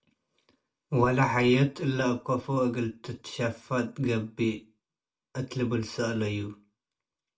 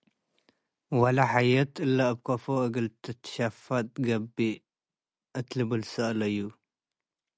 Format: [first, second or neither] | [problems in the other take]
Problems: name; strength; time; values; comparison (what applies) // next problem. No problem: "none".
second | room echo; dies away in 0.2 s